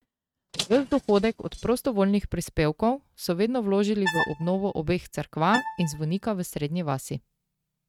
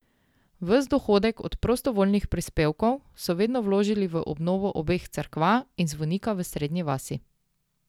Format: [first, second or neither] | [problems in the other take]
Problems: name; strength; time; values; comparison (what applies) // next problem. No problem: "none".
second | noise reduction (neural mask model RNNoise)